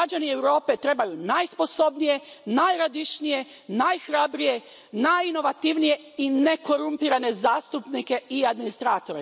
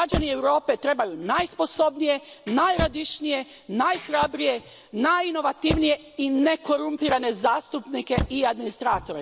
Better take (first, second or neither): first